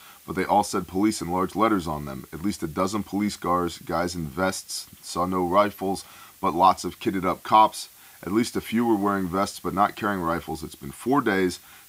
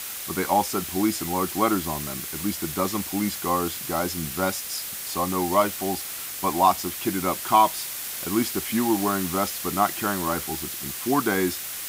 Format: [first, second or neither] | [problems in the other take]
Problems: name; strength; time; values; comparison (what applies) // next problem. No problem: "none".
first | hiss; loud; throughout; 5 dB below the speech; faint in the first